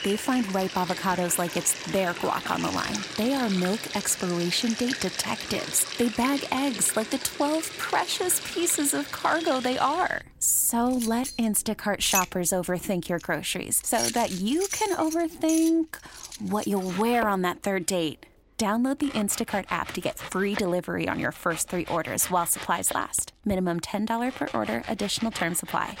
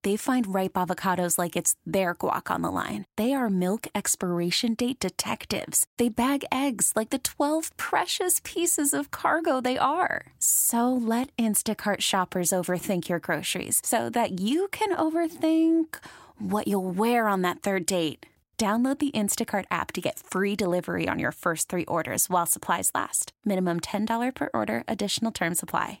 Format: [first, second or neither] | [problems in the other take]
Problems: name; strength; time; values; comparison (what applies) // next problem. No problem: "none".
second | household noises; loud; throughout; 9 dB below the speech